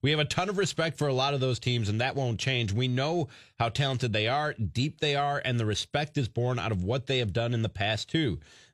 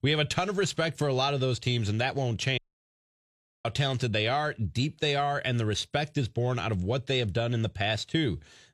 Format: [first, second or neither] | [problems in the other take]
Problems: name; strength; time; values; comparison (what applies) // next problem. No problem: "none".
first | audio cutting out; at 2.5 s for 1 s